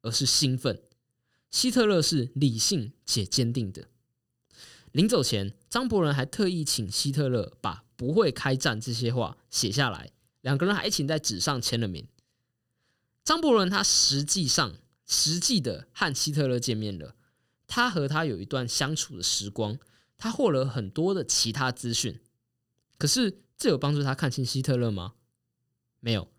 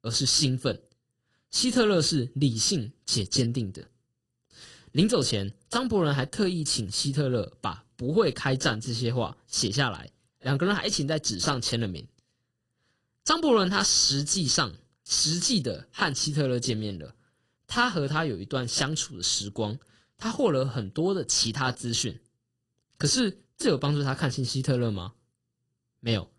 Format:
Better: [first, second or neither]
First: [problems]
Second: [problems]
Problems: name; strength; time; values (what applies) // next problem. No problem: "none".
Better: first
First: none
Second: garbled, watery; slightly; nothing above 10.5 kHz